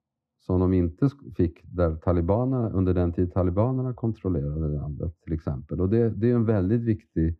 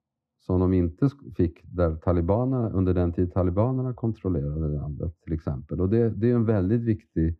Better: neither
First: muffled; very; fading above 4 kHz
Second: muffled; very; fading above 4 kHz

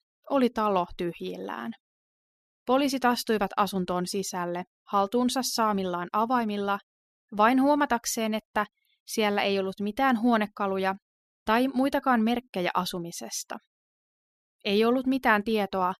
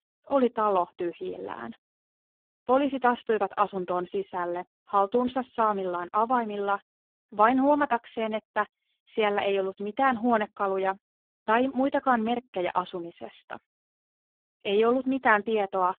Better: first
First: none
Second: phone-call audio; poor line

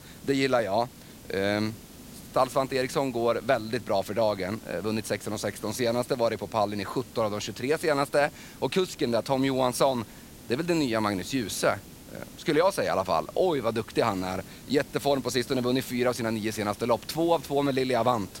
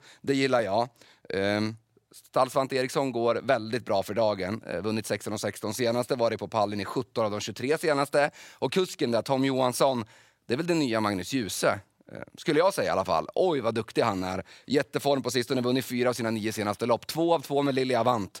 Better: second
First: hiss; noticeable; throughout; 20 dB below the speech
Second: none

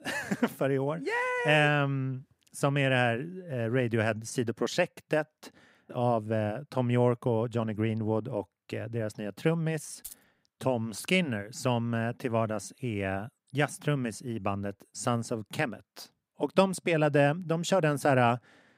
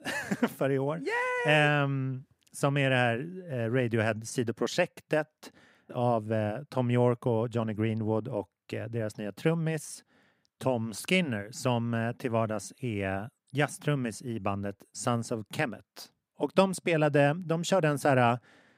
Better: second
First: jangling keys; faint; at 10 s; peak 15 dB below the speech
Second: none

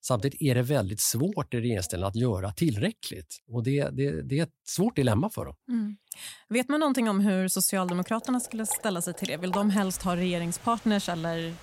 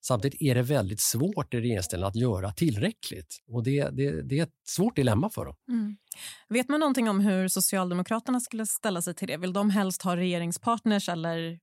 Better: second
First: rain or running water; noticeable; from 8 s on; 15 dB below the speech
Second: none

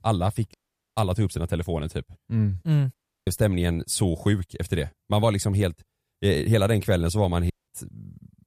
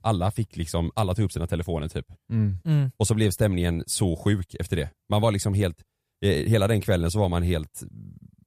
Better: second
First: audio cutting out; at 0.5 s, at 3 s and at 7.5 s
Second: none

